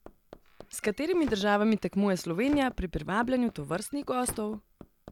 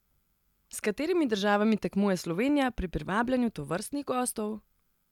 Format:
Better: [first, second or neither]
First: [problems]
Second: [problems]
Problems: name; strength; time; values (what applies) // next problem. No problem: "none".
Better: second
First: background sound (Squeak / Slam / Wood + Hammer); 19 dB below the speech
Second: none